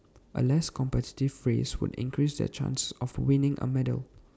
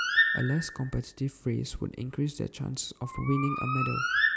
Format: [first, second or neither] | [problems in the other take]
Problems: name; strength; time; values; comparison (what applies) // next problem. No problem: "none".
first | background sound (Bird); as loud as the speech